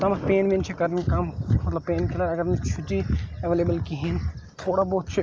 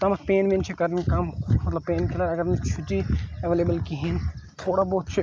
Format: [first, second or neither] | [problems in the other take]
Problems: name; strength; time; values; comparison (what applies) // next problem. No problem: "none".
second | background sound (Thunder); 16 dB below the speech